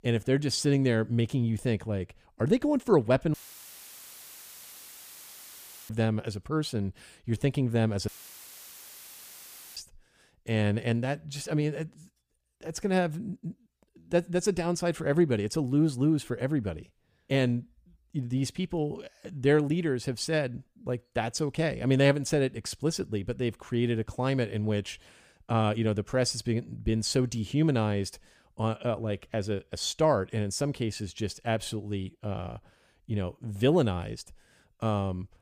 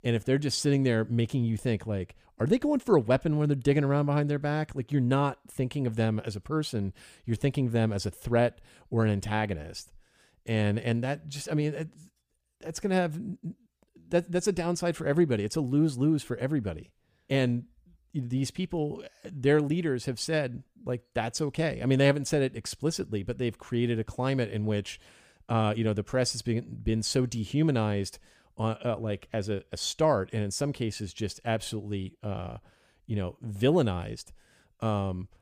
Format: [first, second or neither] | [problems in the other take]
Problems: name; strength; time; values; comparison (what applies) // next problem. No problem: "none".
second | audio cutting out; filled with static; at 3.5 s for 2.5 s and at 8 s for 1.5 s